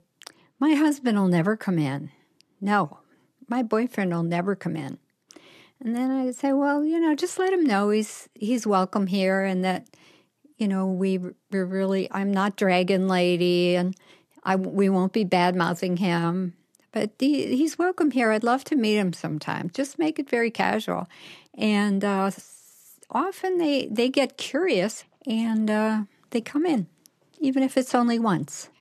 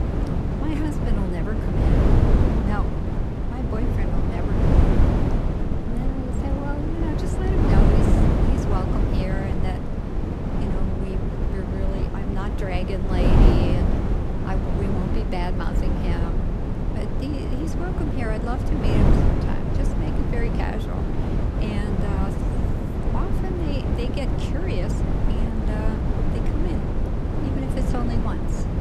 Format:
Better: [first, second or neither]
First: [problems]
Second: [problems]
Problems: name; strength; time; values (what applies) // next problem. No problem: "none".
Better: first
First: none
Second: wind noise on the microphone; heavy; 3 dB above the speech